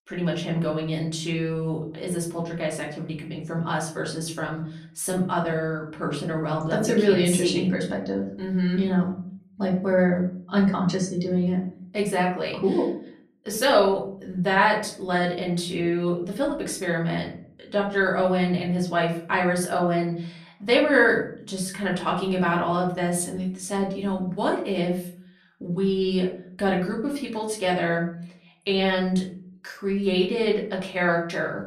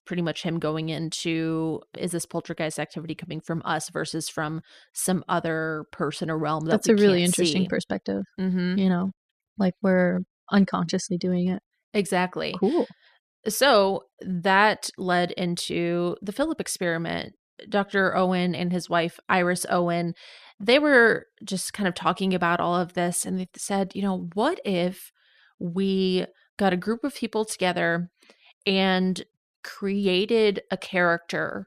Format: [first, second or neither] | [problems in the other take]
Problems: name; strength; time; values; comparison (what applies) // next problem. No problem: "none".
second | off-mic speech; far // room echo; slight; dies away in 0.5 s